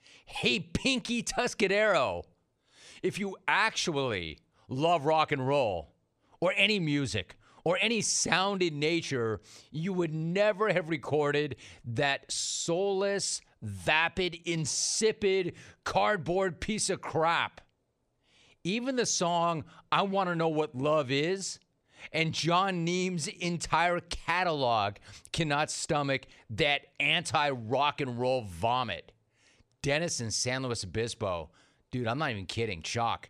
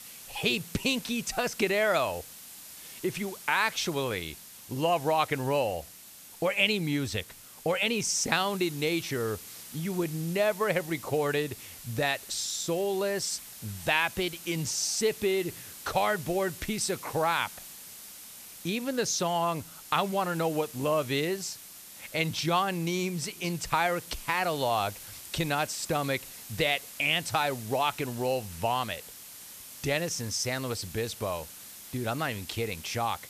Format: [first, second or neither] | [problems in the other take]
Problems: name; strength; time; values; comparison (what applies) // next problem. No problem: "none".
first | hiss; noticeable; throughout; 15 dB below the speech